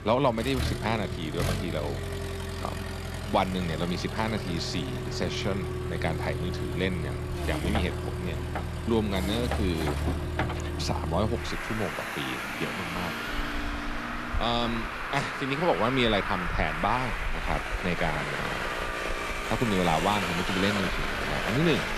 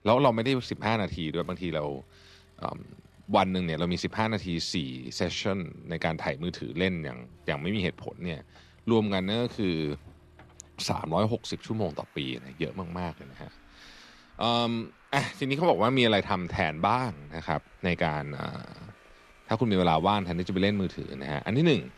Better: second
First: traffic noise; loud; throughout; 2 dB below the speech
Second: traffic noise; faint; throughout; 25 dB below the speech

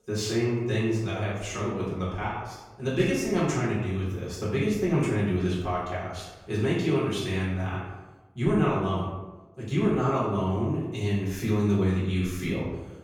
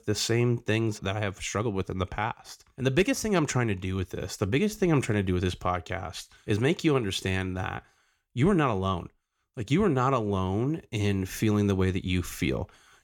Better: second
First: room echo; noticeable; dies away in 0.9 s // off-mic speech; far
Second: none

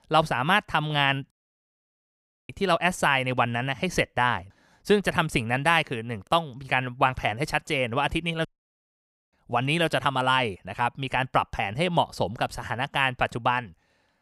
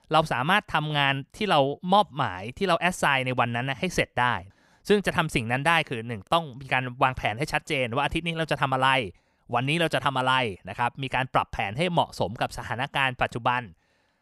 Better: second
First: audio cutting out; at 1.5 s for 1 s and at 8.5 s for 1 s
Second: none

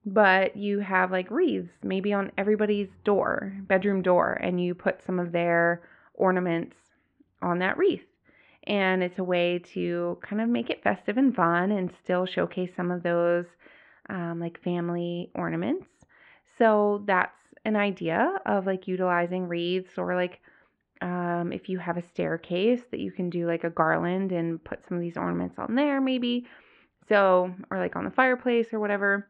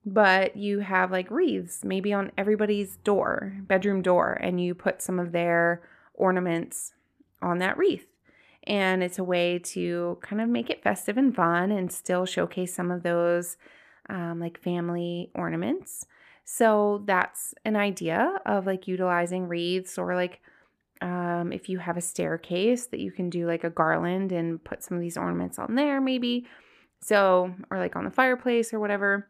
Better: second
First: muffled; very; fading above 3.5 kHz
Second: none

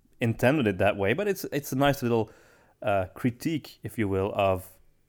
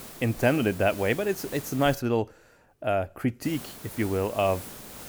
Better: first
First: none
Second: hiss; noticeable; until 2 s and from 3.5 s on; 15 dB below the speech

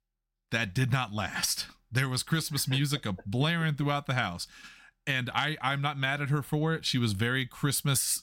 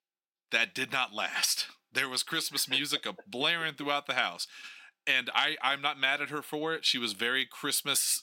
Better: first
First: none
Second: thin; somewhat; fading below 350 Hz

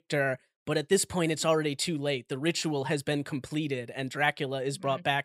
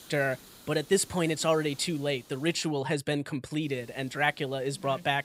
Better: first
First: none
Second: hiss; faint; until 2.5 s and from 3.5 s on; 20 dB below the speech

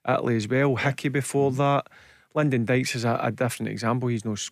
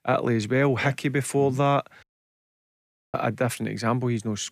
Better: first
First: none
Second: audio cutting out; at 2 s for 1 s

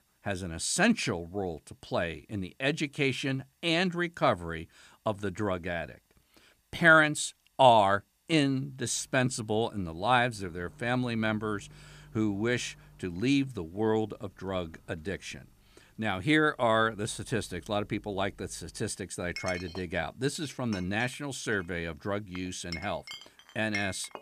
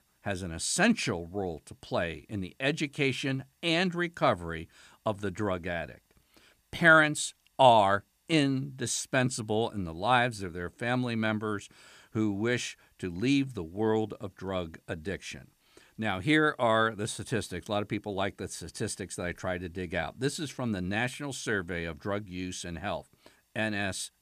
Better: second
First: household noises; noticeable; from 9 s on; 15 dB below the speech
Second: none

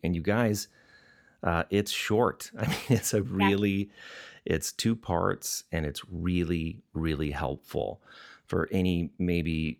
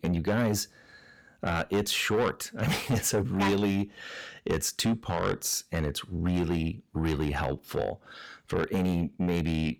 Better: first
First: none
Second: distortion; heavy; 7 dB below the speech

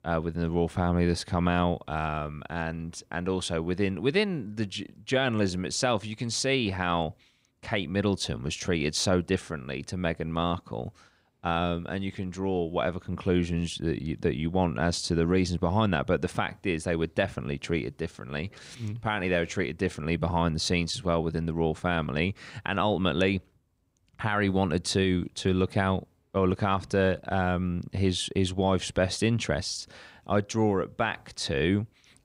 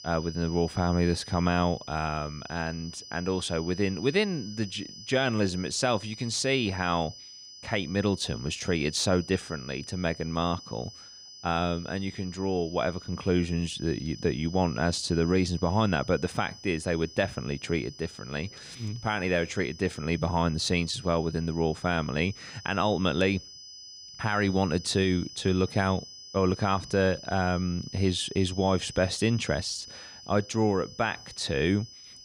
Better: first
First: none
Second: high-pitched whine; noticeable; throughout; 5 kHz, 15 dB below the speech

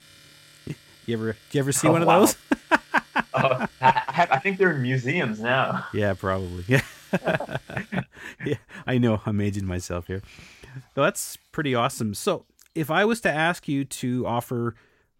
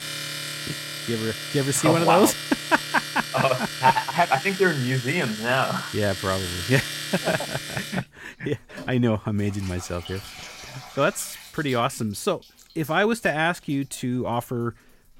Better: first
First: household noises; faint; throughout; 30 dB below the speech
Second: household noises; loud; throughout; 8 dB below the speech

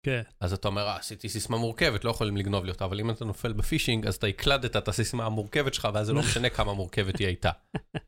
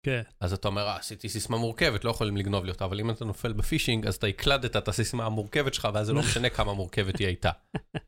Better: neither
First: none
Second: none

